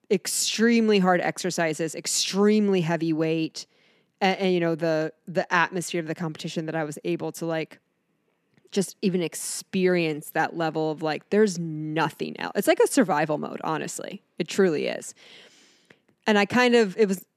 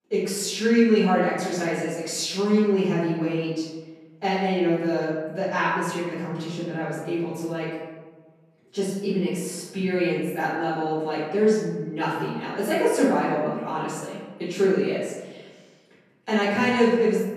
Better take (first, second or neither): first